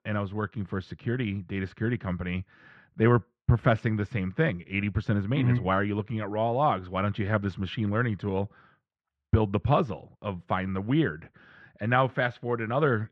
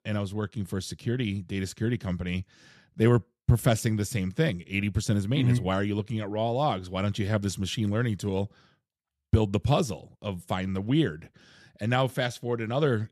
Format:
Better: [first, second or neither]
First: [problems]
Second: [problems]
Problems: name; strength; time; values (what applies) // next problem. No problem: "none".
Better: second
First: muffled; very; fading above 2.5 kHz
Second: none